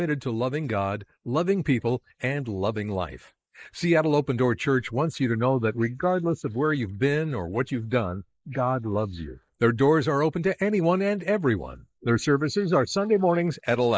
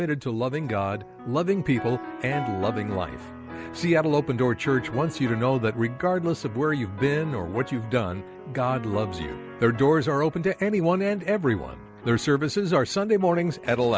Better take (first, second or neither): second